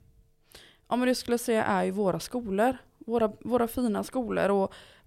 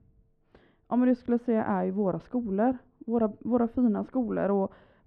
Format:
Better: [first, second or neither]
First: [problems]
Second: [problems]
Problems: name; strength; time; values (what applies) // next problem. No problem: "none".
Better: first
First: none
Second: muffled; very; fading above 1.5 kHz